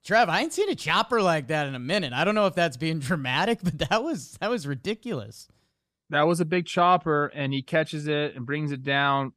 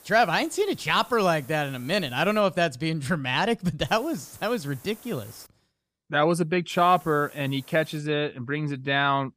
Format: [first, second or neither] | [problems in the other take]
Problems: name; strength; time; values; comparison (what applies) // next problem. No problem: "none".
first | hiss; faint; until 2.5 s, from 4 to 5.5 s and from 6.5 to 8 s; 25 dB below the speech